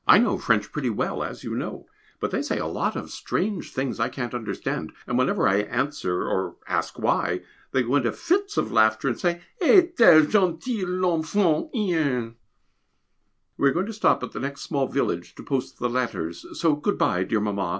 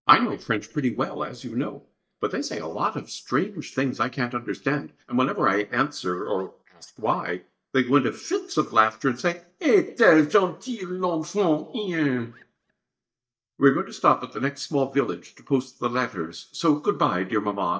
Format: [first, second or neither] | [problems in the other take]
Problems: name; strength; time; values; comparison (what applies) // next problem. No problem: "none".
first | noise reduction (neural mask model DeepFilterNet 3)